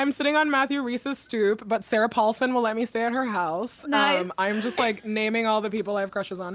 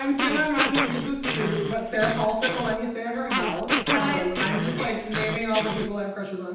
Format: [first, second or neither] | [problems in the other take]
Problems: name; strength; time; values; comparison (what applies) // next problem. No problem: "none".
first | background sound (Growling); 2 dB below the speech // room echo; dies away in 0.9 s